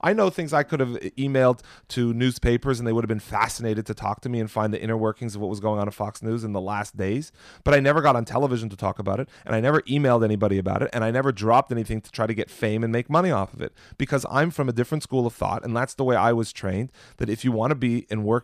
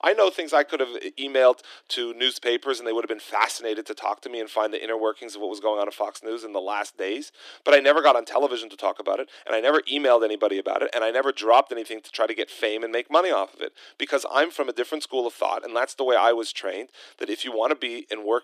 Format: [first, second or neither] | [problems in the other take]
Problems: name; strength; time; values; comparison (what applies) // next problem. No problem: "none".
first | thin; very; fading below 300 Hz